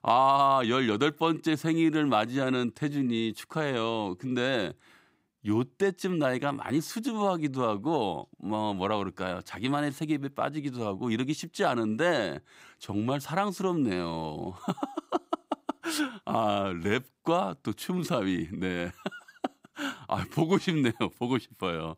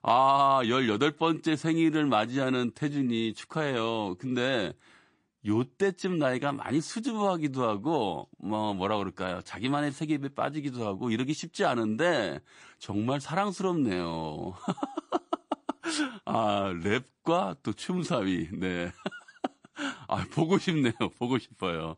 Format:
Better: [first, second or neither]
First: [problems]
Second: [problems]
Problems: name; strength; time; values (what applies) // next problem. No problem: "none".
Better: first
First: none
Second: garbled, watery; slightly; nothing above 9 kHz